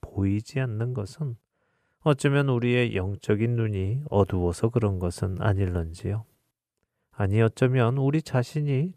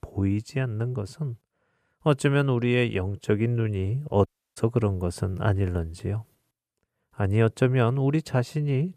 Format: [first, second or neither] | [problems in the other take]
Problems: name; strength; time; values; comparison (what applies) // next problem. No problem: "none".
first | audio cutting out; at 4.5 s